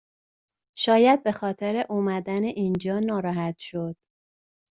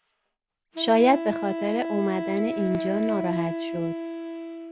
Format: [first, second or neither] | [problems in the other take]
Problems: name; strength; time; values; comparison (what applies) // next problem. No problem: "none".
first | background sound (Wind instrument, woodwind instrument); 5 dB below the speech